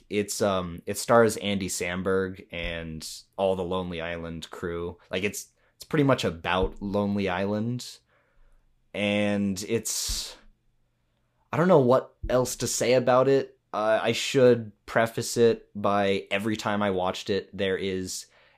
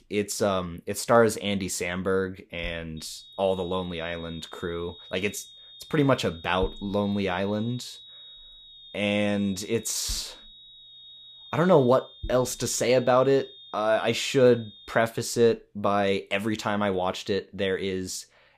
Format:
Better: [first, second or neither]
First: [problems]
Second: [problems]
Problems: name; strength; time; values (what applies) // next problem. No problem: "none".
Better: first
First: none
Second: high-pitched whine; noticeable; from 3 to 15 s; 3.5 kHz, 20 dB below the speech